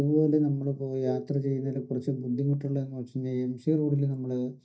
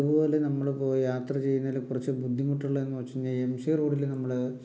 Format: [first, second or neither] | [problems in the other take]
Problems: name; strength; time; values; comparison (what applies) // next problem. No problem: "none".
second | noise reduction (neural mask model DeepFilterNet 3)